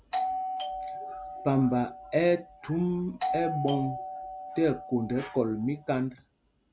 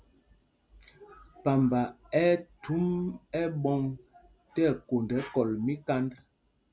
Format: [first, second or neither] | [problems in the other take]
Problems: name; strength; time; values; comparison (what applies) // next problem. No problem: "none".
second | background sound (Doorbell); 6 dB below the speech